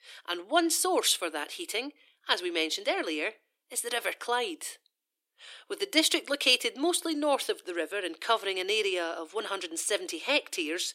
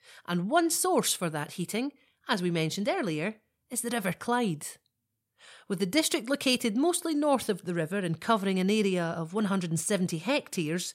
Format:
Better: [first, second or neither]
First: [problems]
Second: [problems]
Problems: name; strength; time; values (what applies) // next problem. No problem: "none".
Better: second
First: thin; somewhat; fading below 300 Hz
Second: none